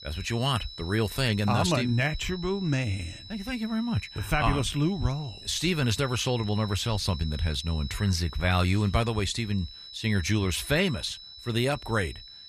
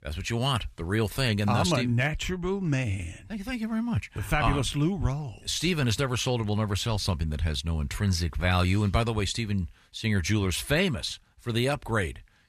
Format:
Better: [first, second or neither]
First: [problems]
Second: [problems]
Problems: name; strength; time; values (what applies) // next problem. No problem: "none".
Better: second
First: high-pitched whine; noticeable; throughout; 4 kHz, 15 dB below the speech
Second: none